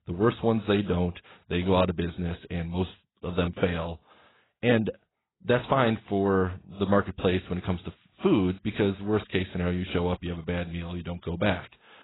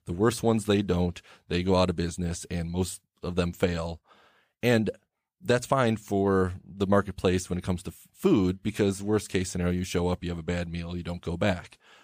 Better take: second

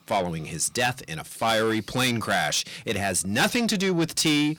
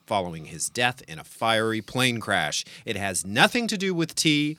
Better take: second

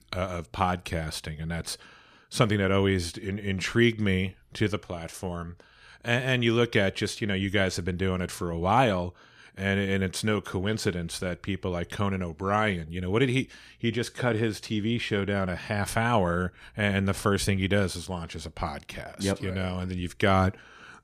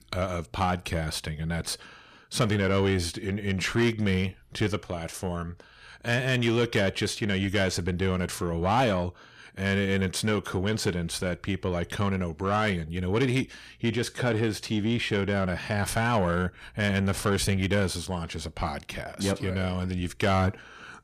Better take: first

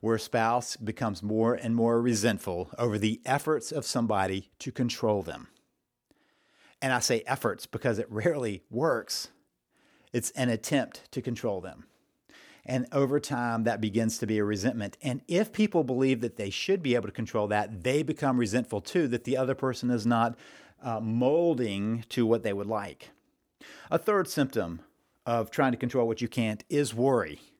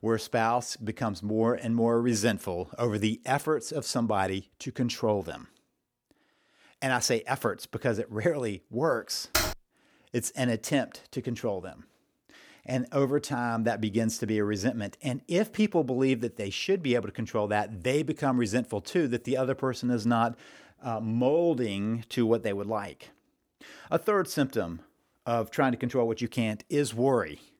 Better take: first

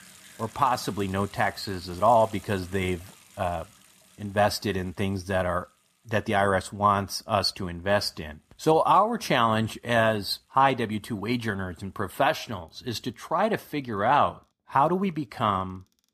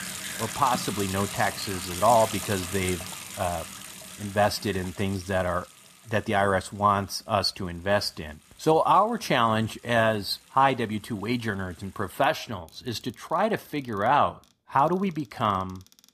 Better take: first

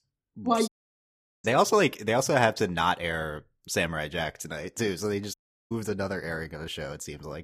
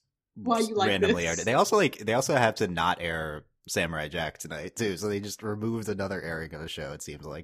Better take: second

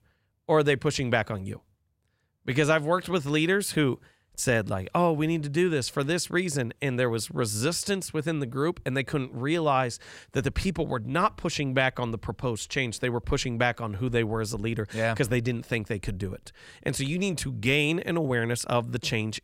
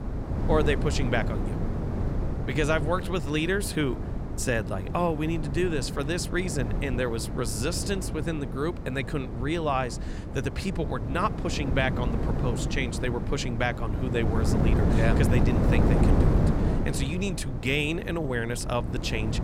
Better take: first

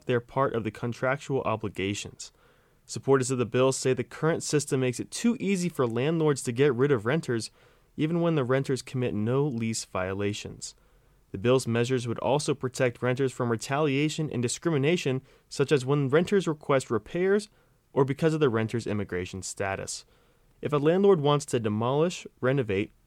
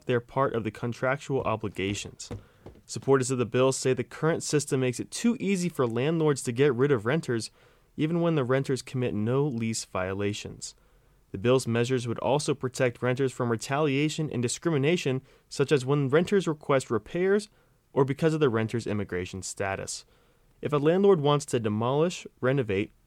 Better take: first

